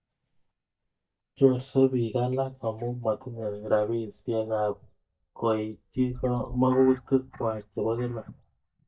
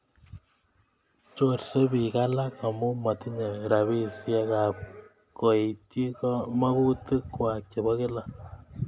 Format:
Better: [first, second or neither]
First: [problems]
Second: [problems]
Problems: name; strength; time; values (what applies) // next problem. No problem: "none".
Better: second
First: noise reduction (neural mask model DeepFilterNet 3)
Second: none